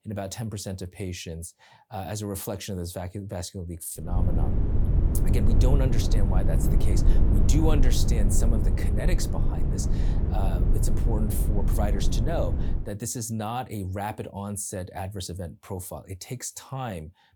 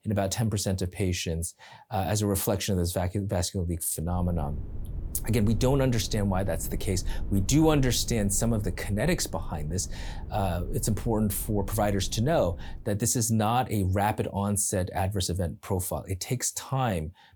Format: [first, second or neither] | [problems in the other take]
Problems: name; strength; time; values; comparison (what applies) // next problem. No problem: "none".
second | low rumble; loud; from 4 to 13 s; 3 dB below the speech; faint in the second